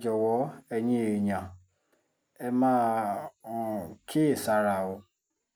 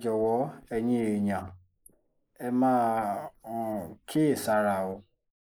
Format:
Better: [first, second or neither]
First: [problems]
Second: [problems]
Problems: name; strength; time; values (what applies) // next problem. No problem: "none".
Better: first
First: none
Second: noise reduction (neural mask model Resemble Enhance denoiser)